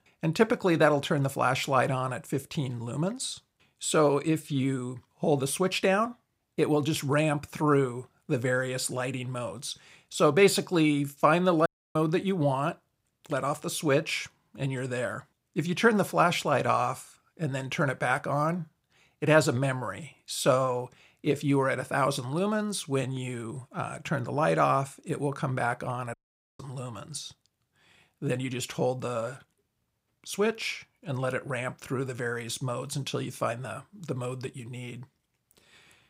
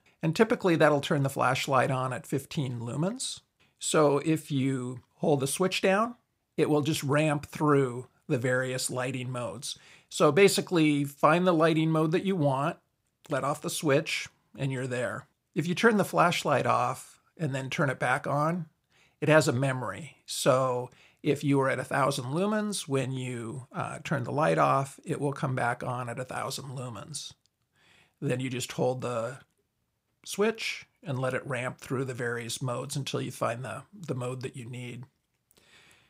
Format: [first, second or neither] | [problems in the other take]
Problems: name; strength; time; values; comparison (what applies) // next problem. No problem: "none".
second | audio cutting out; at 12 s and at 26 s